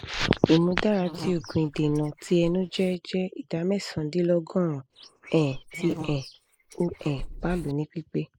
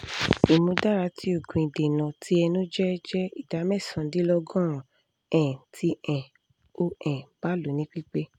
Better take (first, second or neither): second